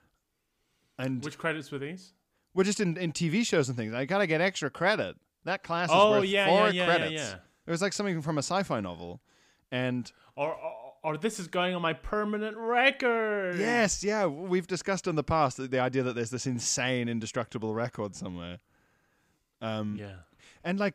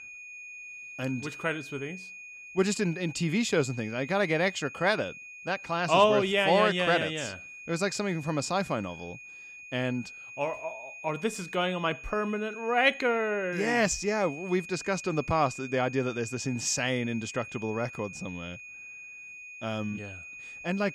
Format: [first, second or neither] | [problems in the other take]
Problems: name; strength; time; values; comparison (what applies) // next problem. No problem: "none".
first | high-pitched whine; noticeable; throughout; 2.5 kHz, 15 dB below the speech